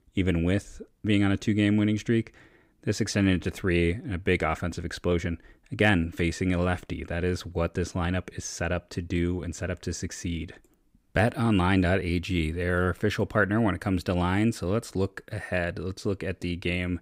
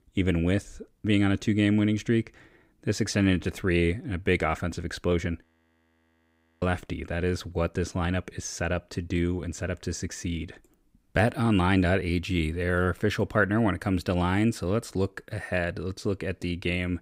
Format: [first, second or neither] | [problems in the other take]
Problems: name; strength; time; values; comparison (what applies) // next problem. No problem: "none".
first | audio freezing; at 5.5 s for 1 s